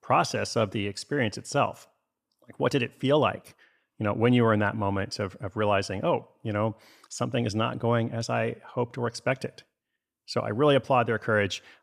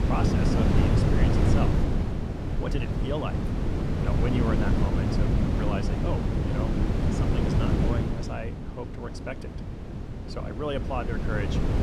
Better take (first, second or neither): first